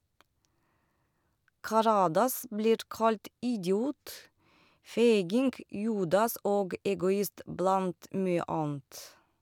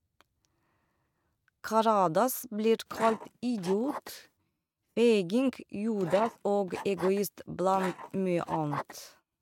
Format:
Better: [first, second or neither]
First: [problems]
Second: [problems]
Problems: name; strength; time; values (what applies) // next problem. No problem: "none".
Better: first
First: none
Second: noise reduction (neural mask model RNNoise)